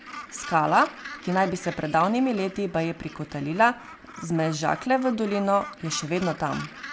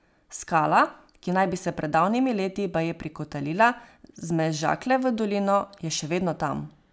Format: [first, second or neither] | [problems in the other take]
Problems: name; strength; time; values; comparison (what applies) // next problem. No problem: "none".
second | background sound (Gull, seagull); 15 dB below the speech